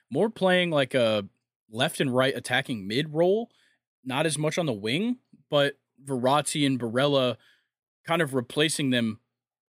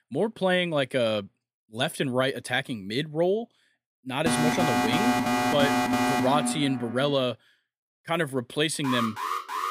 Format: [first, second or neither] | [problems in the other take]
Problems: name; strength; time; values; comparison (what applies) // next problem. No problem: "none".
first | alarm; loud; from 4.5 to 7 s; peak 3 dB above the speech // alarm; noticeable; at 9 s; peak 3 dB below the speech